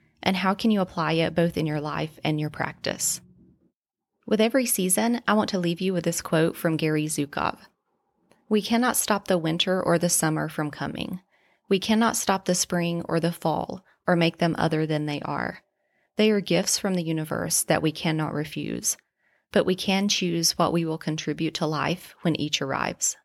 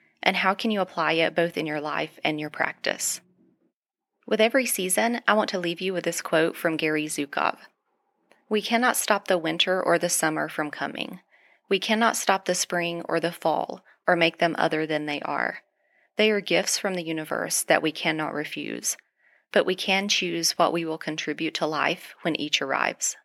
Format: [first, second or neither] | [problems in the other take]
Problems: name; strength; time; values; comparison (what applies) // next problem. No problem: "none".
first | thin; somewhat; fading below 300 Hz